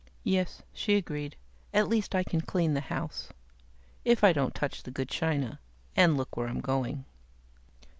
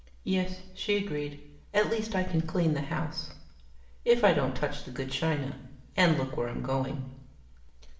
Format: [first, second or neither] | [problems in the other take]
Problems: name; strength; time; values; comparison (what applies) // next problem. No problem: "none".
first | room echo; dies away in 0.7 s